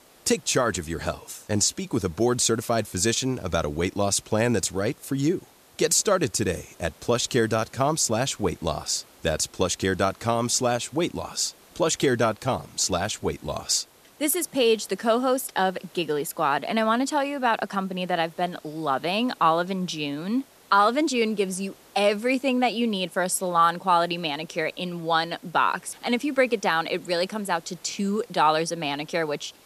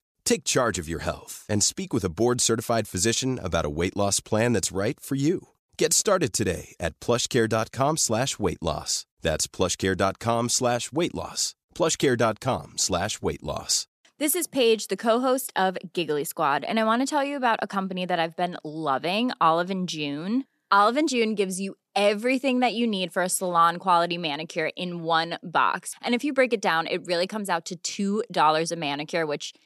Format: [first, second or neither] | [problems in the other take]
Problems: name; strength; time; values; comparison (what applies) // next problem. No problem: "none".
second | hiss; faint; throughout; 25 dB below the speech